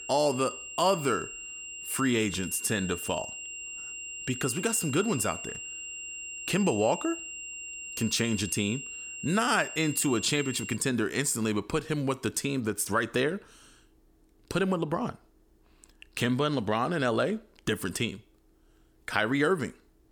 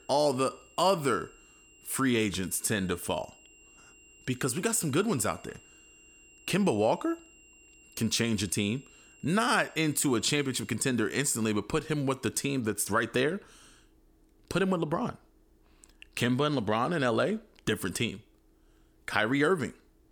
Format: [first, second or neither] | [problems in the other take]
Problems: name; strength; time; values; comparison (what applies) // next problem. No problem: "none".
second | high-pitched whine; loud; until 11 s; 3 kHz, 9 dB below the speech; faint in the second